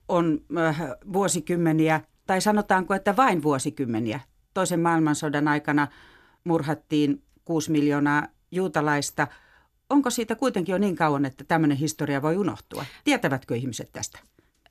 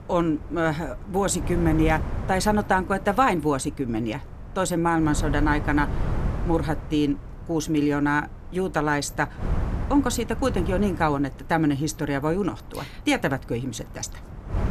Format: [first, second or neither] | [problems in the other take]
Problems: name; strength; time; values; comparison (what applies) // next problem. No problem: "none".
first | wind noise on the microphone; occasional gusts; 15 dB below the speech